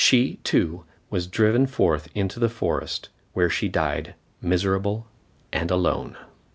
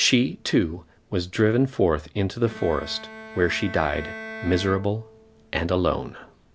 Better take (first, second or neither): first